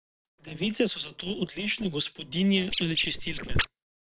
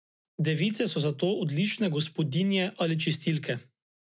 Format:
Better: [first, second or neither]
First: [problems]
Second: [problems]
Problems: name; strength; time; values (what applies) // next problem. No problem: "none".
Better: second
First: noise reduction (neural separator model SepFormer WHAM!)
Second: none